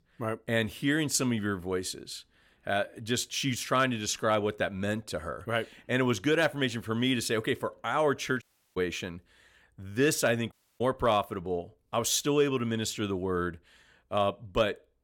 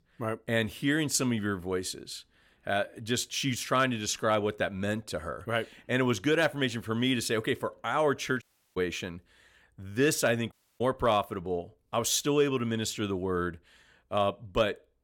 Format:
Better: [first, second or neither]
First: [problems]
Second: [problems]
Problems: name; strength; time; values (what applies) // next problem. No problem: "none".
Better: neither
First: audio cutting out; at 8.5 s and at 11 s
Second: audio cutting out; at 8.5 s and at 11 s